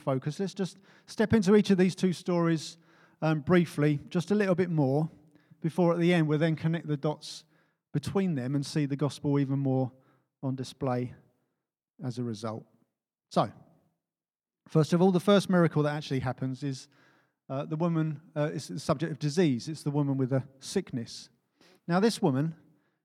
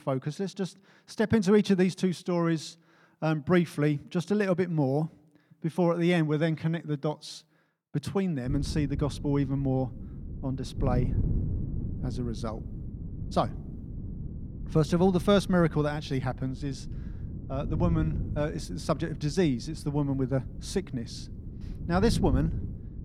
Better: first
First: none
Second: wind noise on the microphone; occasional gusts; from 8.5 s on; 15 dB below the speech

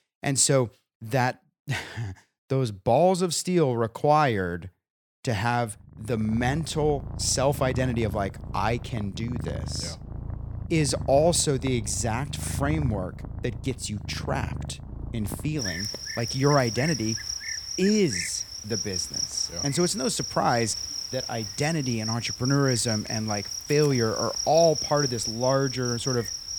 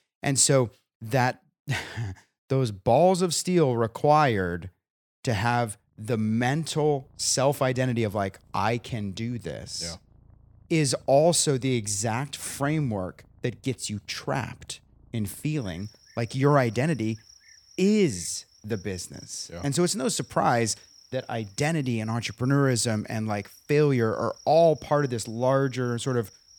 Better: second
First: animal sounds; loud; from 6 s on; 6 dB below the speech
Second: animal sounds; faint; from 6 s on; 25 dB below the speech

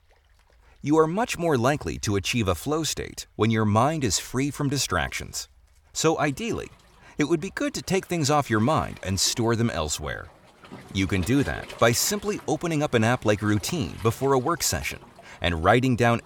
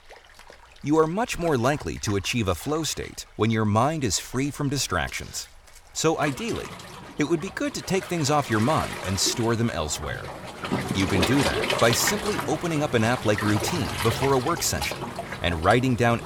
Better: first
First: rain or running water; faint; throughout; 20 dB below the speech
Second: rain or running water; loud; throughout; 6 dB below the speech

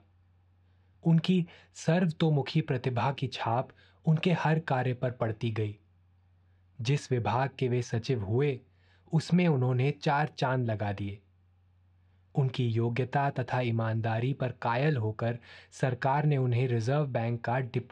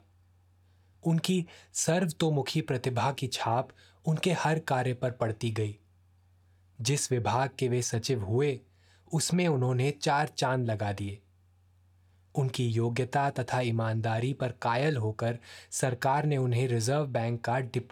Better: second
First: muffled; slightly; fading above 3 kHz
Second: none

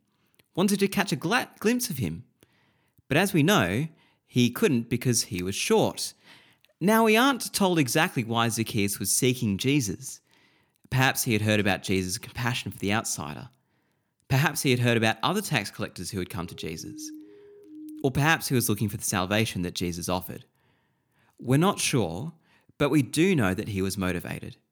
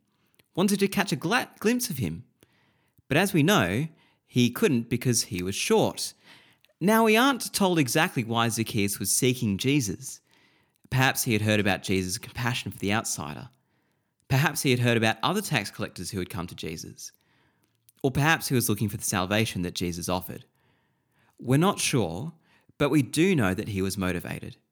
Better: second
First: siren; faint; from 16 to 18 s; peak 15 dB below the speech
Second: none

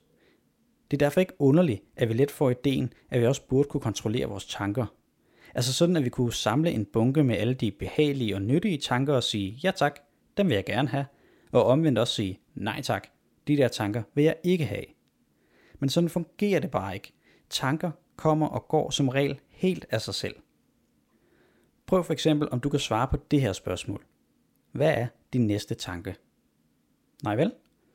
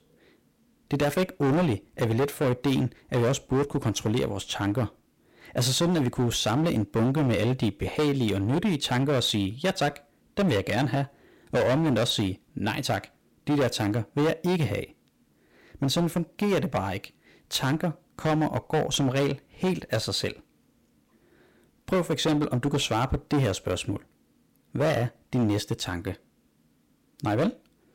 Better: first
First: none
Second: distortion; heavy; 12% of the sound clipped

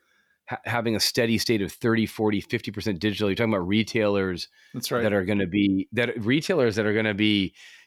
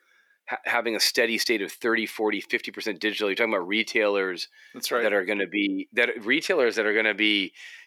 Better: first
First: none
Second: thin; somewhat; fading below 300 Hz

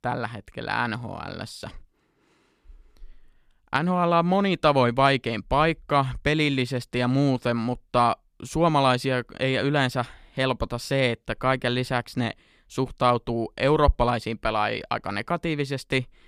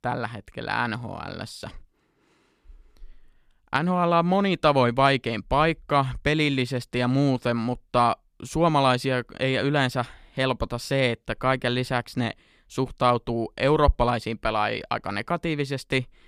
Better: neither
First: none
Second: none

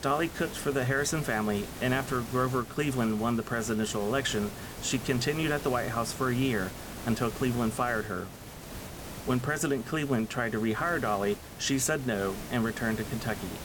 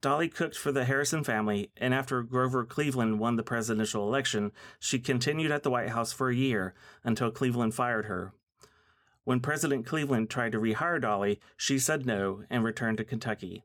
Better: second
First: hiss; noticeable; throughout; 10 dB below the speech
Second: none

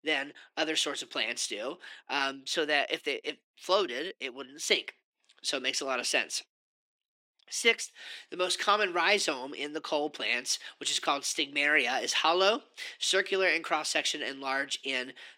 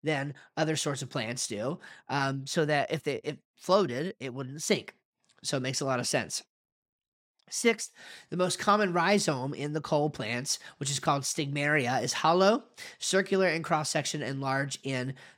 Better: second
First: thin; somewhat; fading below 300 Hz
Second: none

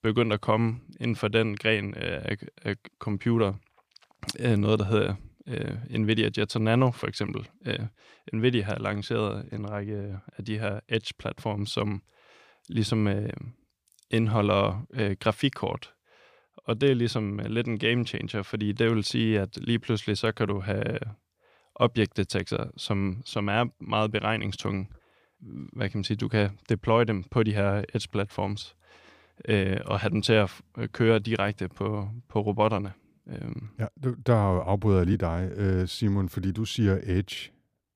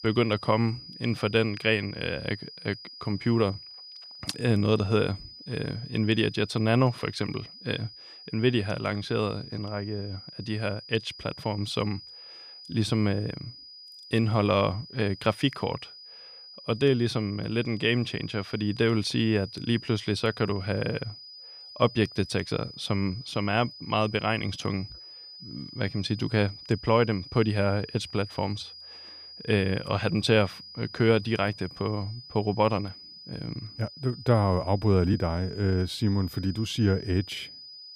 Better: first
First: none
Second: high-pitched whine; noticeable; throughout; 5 kHz, 15 dB below the speech

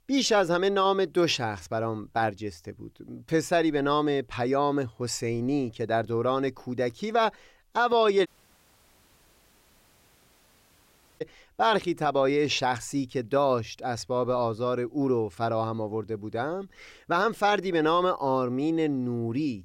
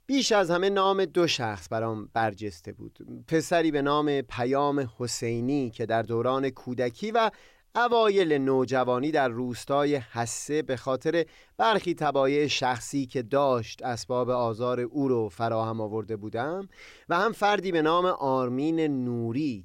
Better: second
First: audio cutting out; at 8.5 s for 3 s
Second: none

